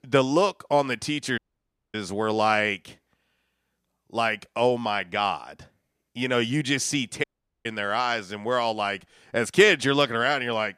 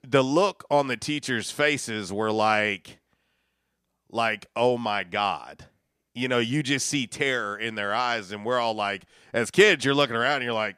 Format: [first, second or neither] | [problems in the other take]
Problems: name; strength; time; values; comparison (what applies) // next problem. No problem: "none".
second | audio cutting out; at 1.5 s for 0.5 s and at 7 s